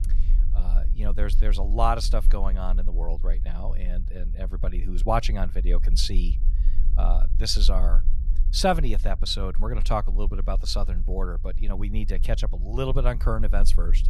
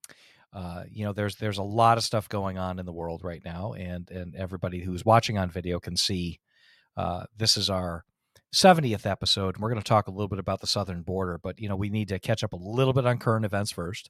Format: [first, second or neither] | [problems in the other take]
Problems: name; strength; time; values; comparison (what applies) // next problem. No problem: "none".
second | low rumble; faint; throughout; 20 dB below the speech